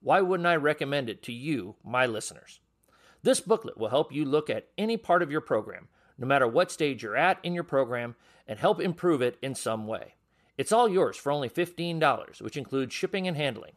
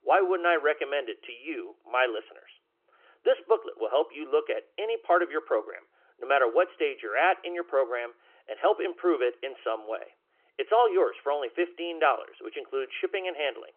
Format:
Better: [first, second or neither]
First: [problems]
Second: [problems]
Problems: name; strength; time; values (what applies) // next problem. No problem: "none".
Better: first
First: none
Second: phone-call audio